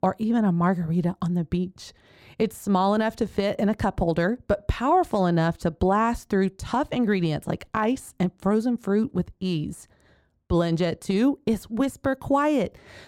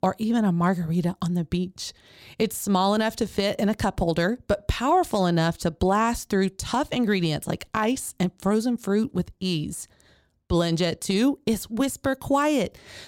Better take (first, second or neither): second